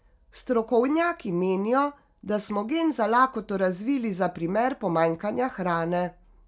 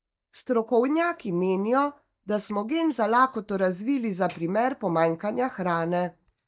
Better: first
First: none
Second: noise reduction (neural mask model DeepFilterNet 3)

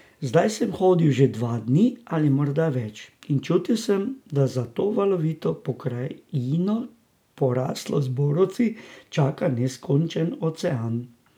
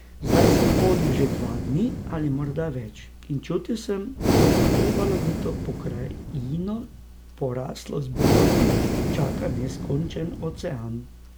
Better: first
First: none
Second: background sound (Breathing); 4 dB above the speech

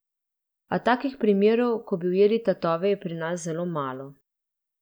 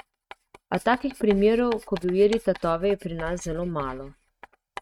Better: first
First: none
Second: noise reduction (neural mask model RNNoise)

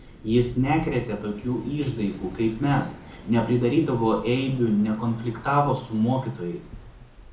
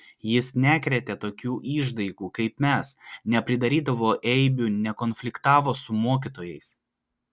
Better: second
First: background sound (Waves, surf); 17 dB below the speech // room echo; dies away in 0.5 s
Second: none

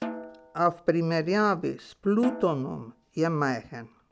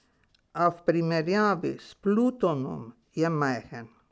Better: second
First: background sound (Snare drum); 14 dB below the speech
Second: none

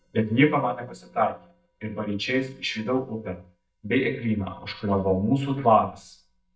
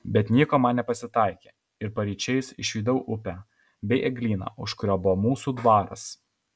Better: second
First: noise reduction (neural mask model DeepFilterNet 3)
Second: none

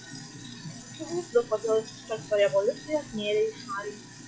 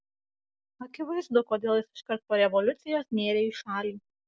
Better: second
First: noise reduction (classical method log-MMSE)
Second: none

